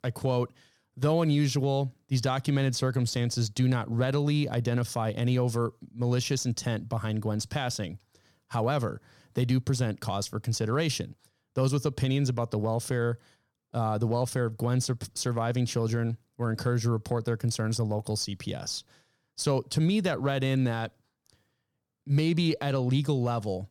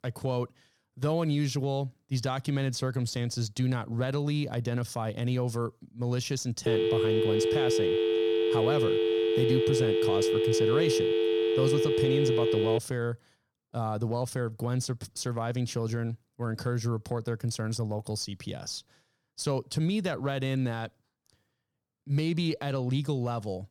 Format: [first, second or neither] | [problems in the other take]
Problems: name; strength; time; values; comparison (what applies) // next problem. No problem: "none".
first | phone ringing; loud; from 6.5 to 13 s; peak 5 dB above the speech